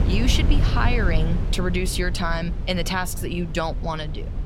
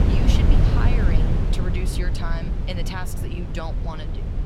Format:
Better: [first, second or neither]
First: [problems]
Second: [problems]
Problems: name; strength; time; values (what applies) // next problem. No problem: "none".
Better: first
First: wind noise on the microphone; occasional gusts; 10 dB below the speech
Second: wind noise on the microphone; heavy; as loud as the speech